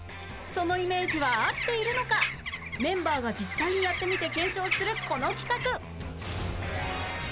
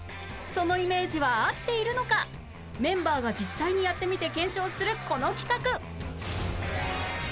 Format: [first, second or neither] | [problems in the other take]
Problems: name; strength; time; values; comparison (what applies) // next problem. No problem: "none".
second | background sound (Bird); 4 dB below the speech